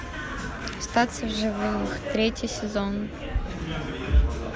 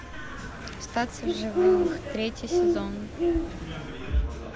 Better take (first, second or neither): first